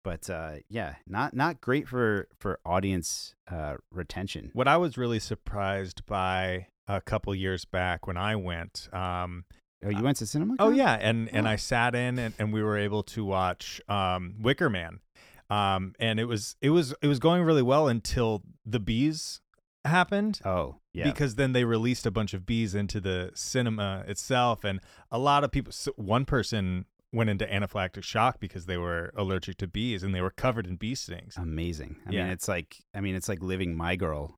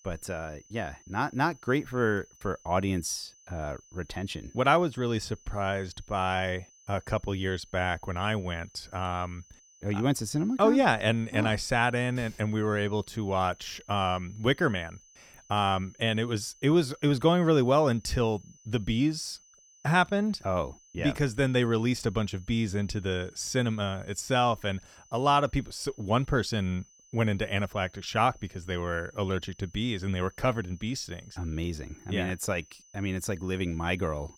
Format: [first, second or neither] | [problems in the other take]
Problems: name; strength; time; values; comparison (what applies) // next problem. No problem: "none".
first | high-pitched whine; faint; throughout; 6 kHz, 25 dB below the speech